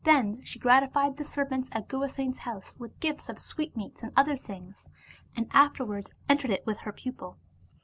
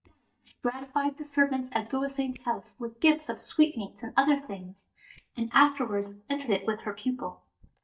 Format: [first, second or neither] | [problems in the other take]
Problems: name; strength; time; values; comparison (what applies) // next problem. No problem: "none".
first | noise reduction (neural mask model DeepFilterNet 3)